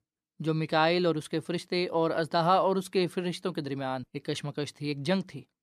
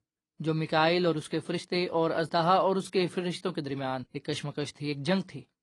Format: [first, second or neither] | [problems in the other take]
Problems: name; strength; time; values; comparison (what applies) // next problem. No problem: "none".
first | garbled, watery; slightly; nothing above 10.5 kHz